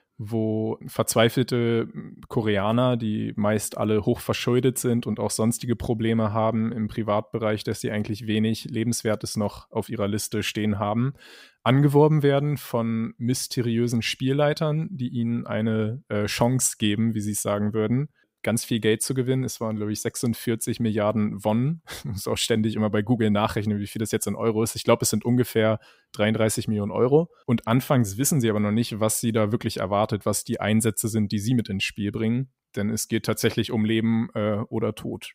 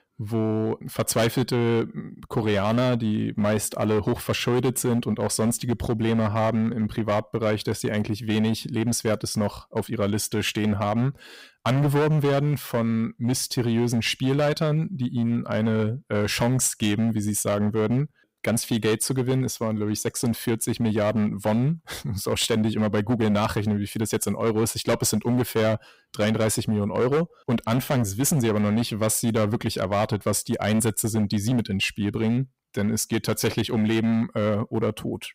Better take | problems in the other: first | distortion; slight; 11% of the sound clipped

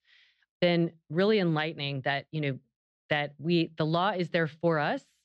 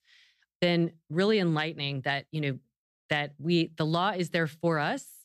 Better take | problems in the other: second | muffled; very slightly; fading above 4.5 kHz

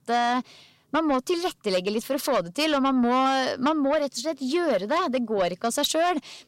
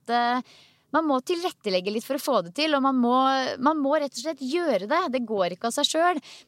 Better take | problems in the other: second | distortion; slight; 10 dB below the speech

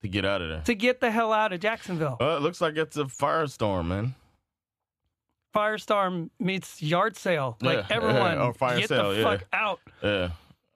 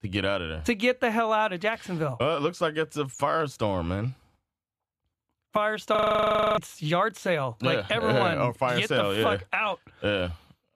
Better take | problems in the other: first | audio freezing; at 6 s for 0.5 s

